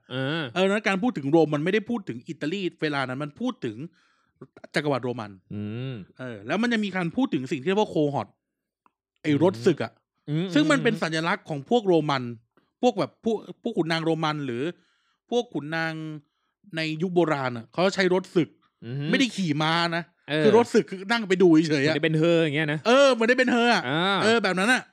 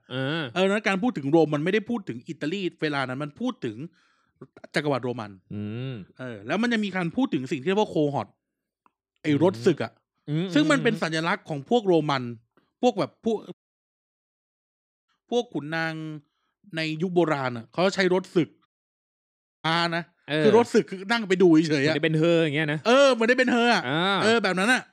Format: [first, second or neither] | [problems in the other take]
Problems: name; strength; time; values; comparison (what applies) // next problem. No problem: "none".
first | audio cutting out; at 14 s for 1.5 s and at 19 s for 1 s